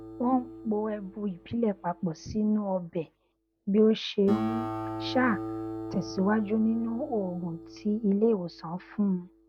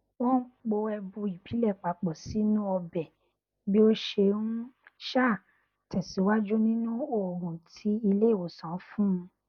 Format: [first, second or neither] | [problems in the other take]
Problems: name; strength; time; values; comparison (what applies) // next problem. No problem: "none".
second | background sound (Acoustic guitar); 10 dB below the speech